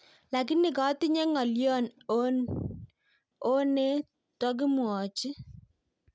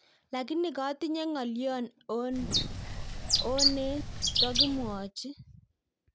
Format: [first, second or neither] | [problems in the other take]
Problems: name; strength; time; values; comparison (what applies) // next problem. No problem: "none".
first | background sound (Bird); 4 dB above the speech